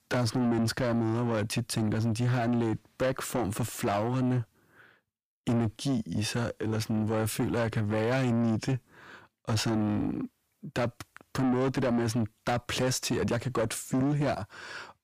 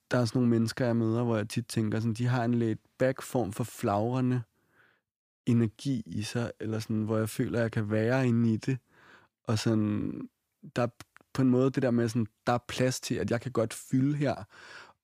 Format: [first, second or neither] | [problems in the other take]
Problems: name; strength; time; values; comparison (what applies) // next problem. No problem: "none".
second | distortion; heavy; 7 dB below the speech